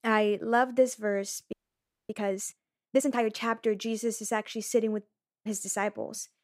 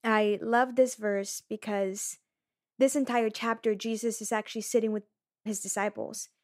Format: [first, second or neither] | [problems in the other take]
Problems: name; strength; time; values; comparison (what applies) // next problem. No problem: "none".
second | audio freezing; at 1.5 s for 0.5 s